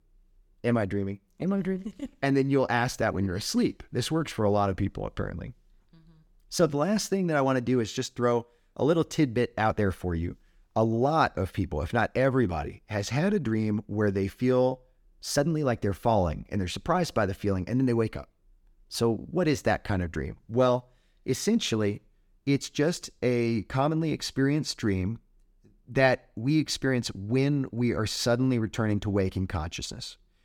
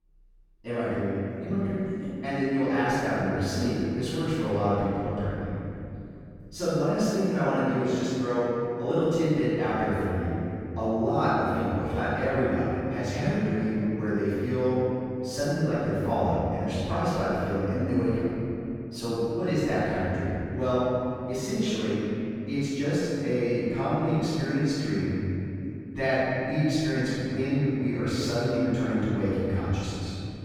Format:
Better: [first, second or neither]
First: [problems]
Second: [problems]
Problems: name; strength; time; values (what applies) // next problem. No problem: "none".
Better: first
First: none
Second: room echo; strong; dies away in 2.9 s // off-mic speech; far